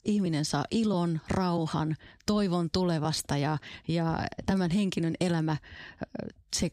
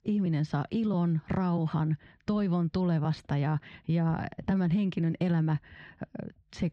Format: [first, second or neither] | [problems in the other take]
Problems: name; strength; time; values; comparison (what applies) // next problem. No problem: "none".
first | muffled; slightly; fading above 2.5 kHz